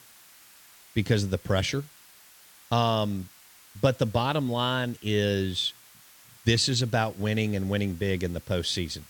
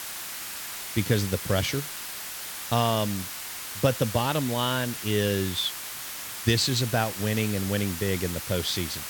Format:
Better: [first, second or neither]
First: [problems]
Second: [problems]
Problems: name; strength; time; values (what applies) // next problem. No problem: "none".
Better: first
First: hiss; faint; throughout; 25 dB below the speech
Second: hiss; loud; throughout; 6 dB below the speech